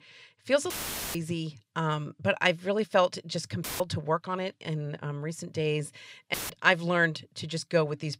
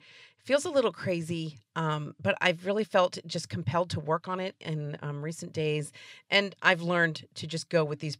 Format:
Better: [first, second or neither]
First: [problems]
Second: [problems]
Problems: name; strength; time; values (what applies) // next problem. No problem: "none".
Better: second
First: audio cutting out; filled with static; at 0.5 s, at 3.5 s and at 6.5 s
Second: none